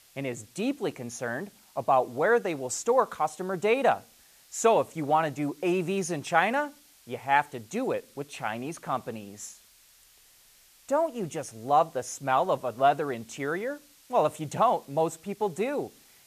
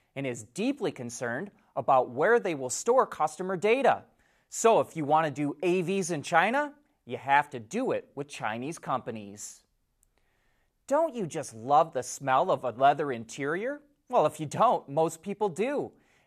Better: second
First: hiss; faint; throughout; 25 dB below the speech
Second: none

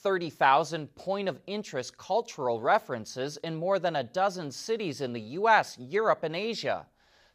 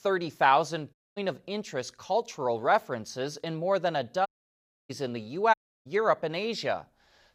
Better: first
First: none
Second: audio cutting out; at 1 s, at 4.5 s for 0.5 s and at 5.5 s

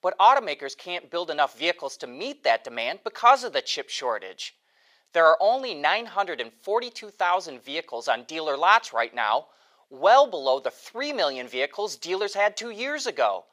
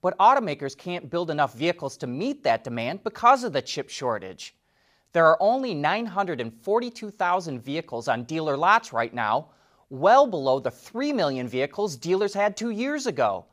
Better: second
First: thin; somewhat; fading below 550 Hz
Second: none

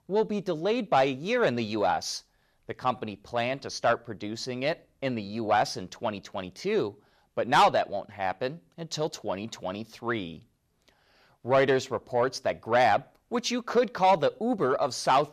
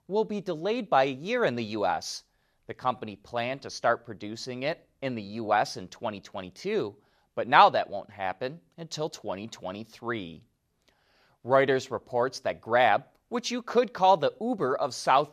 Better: second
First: distortion; slight; 10 dB below the speech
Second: none

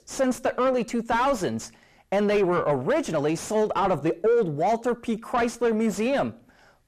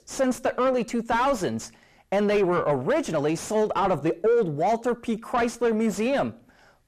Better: neither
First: distortion; heavy; 7 dB below the speech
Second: distortion; heavy; 7 dB below the speech

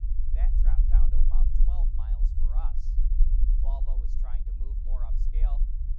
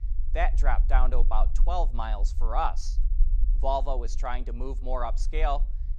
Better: second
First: low rumble; loud; throughout; 1 dB below the speech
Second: low rumble; faint; throughout; 25 dB below the speech

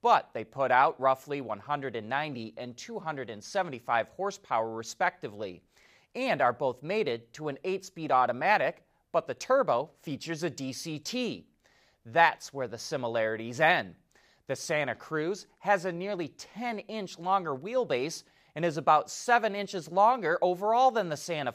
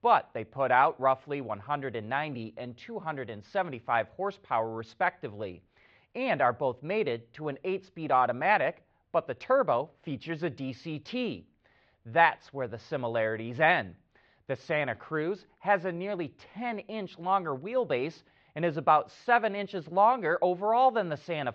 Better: first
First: none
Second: muffled; slightly; fading above 3.5 kHz

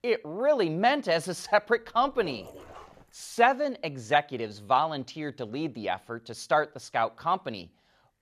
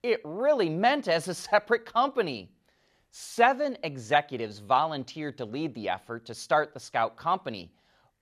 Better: second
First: dog barking; faint; from 2 to 3 s; peak 15 dB below the speech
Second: none

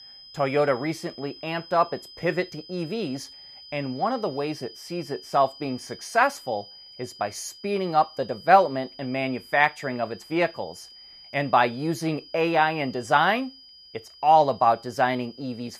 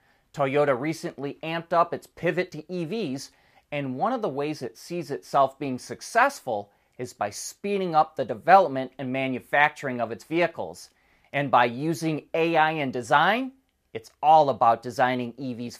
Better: second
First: high-pitched whine; noticeable; throughout; 5 kHz, 20 dB below the speech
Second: none

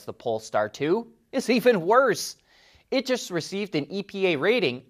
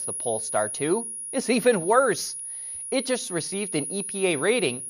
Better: first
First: none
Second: high-pitched whine; loud; throughout; 10.5 kHz, 5 dB below the speech

